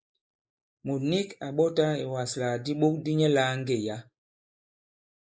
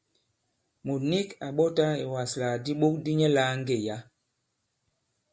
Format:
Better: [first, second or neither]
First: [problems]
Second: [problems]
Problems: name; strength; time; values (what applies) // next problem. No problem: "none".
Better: second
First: noise reduction (neural mask model Resemble Enhance denoiser)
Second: none